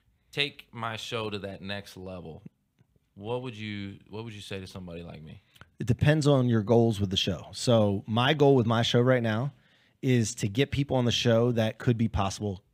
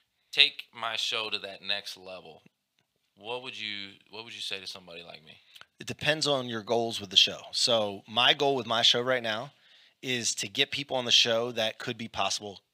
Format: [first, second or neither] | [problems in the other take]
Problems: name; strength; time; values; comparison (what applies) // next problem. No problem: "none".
first | thin; somewhat; fading below 1 kHz